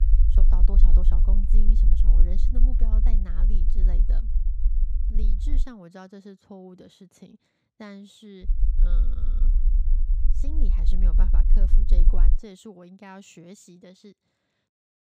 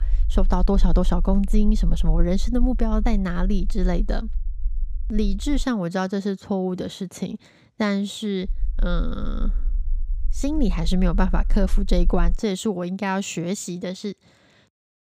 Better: second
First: low rumble; loud; until 5.5 s and from 8.5 to 12 s; 3 dB below the speech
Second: low rumble; faint; until 5.5 s and from 8.5 to 12 s; 25 dB below the speech

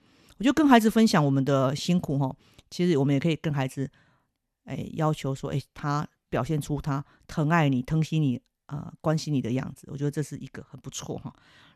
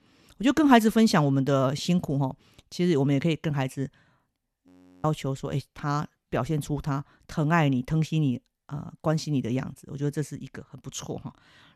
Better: first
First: none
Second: audio freezing; at 4.5 s

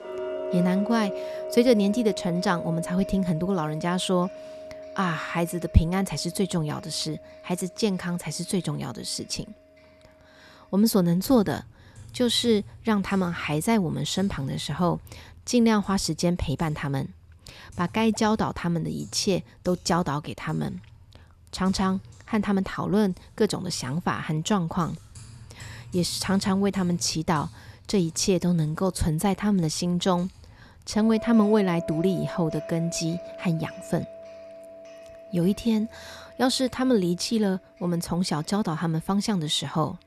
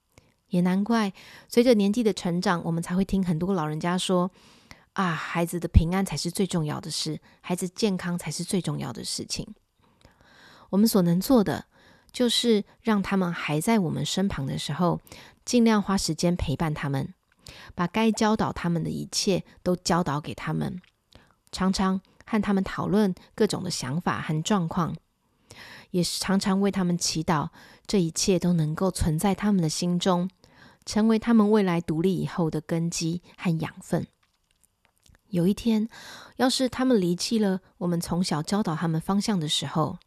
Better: second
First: household noises; noticeable; throughout; 15 dB below the speech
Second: none

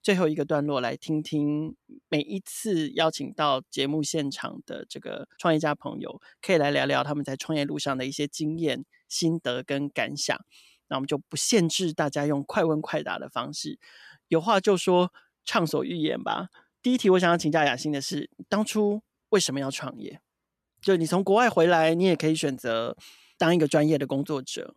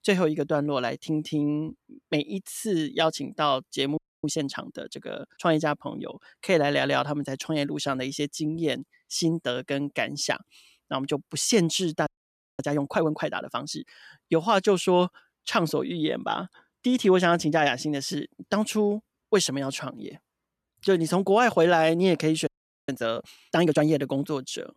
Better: first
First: none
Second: audio freezing; at 4 s, at 12 s for 0.5 s and at 22 s

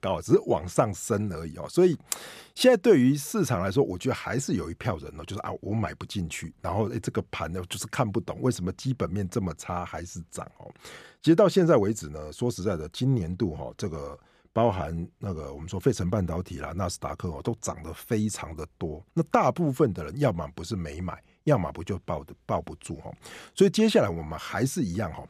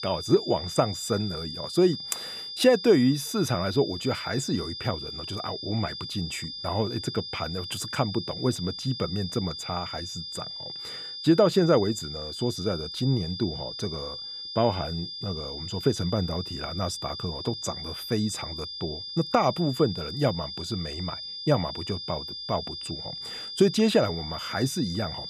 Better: first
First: none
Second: high-pitched whine; loud; throughout; 5 kHz, 7 dB below the speech

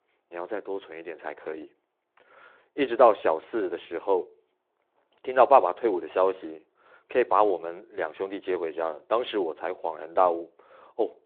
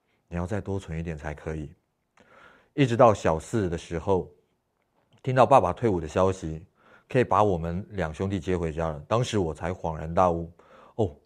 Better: second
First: phone-call audio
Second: none

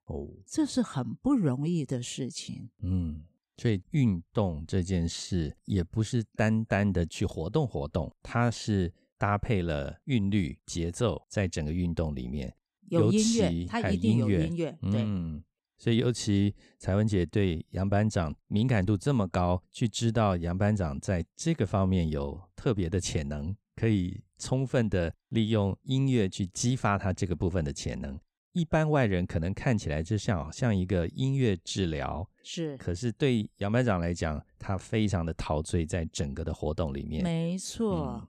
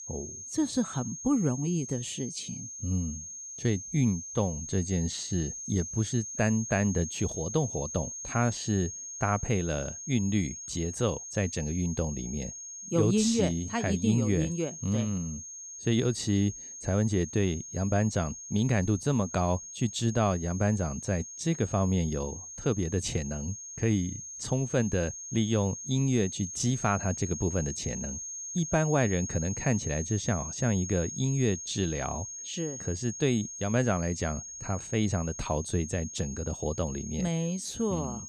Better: first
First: none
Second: high-pitched whine; loud; throughout; 6.5 kHz, 8 dB below the speech

